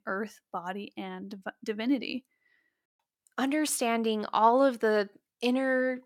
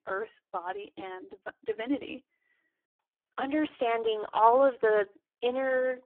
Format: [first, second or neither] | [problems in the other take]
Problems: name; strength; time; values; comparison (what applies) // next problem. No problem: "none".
first | phone-call audio; poor line